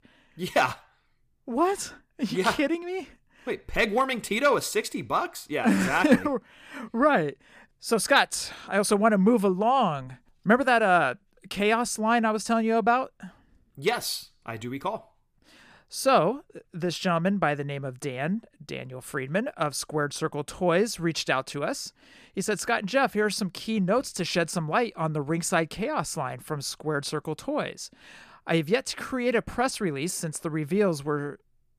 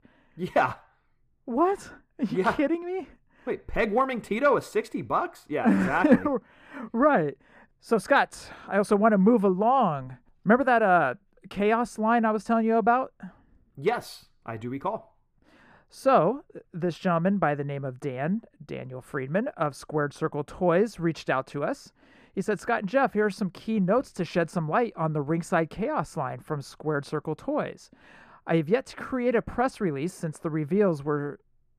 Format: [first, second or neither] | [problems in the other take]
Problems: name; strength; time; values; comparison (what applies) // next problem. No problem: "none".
first | muffled; slightly; fading above 2.5 kHz